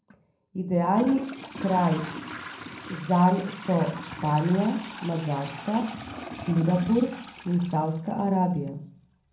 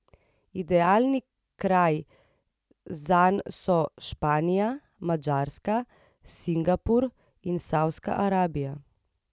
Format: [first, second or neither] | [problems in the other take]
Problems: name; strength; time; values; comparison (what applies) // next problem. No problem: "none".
second | background sound (Trickle, dribble / Toilet flush); 14 dB below the speech // room echo; dies away in 0.6 s